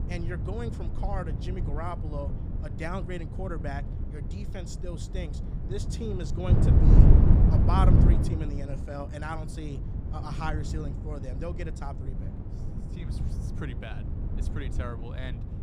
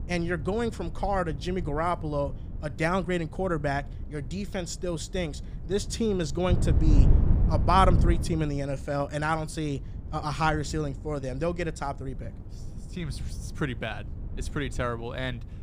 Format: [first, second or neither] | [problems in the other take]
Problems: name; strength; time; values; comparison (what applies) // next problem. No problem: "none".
second | wind noise on the microphone; heavy; 2 dB below the speech; occasional gusts in the second